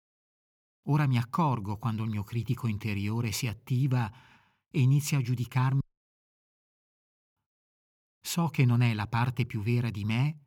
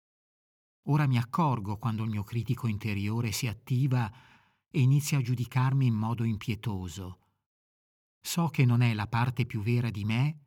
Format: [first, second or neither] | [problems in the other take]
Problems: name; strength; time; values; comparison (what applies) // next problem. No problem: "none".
second | audio cutting out; at 6 s for 1.5 s